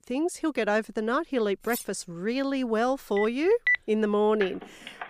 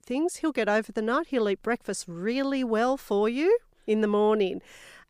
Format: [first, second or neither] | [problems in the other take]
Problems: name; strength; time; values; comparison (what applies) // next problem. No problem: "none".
second | clattering dishes; faint; at 1.5 s; peak 10 dB below the speech // phone ringing; very faint; at 3 s; peak 2 dB above the speech // phone ringing; faint; at 4.5 s; peak 10 dB below the speech